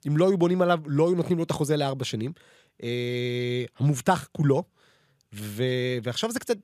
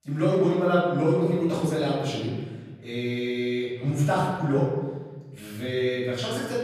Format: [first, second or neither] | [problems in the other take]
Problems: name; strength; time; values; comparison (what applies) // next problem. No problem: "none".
first | off-mic speech; far // room echo; noticeable; dies away in 1.3 s